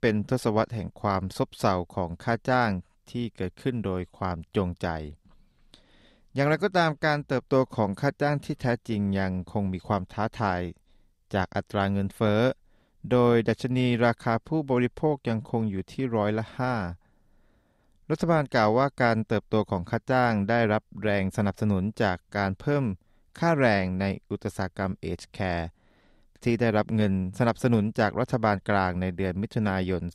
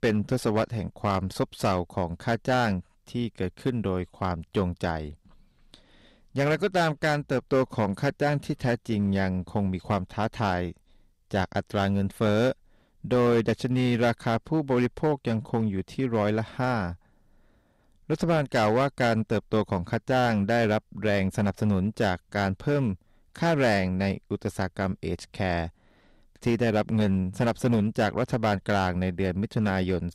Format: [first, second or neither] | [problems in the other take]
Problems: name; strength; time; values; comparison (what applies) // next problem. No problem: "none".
first | distortion; slight; 4% of the sound clipped